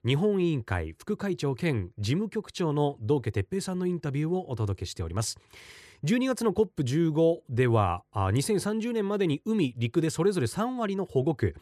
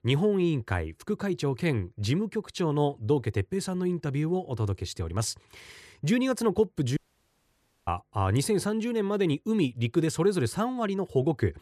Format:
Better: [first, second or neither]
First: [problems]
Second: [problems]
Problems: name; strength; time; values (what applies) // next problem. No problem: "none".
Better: first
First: none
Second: audio cutting out; at 7 s for 1 s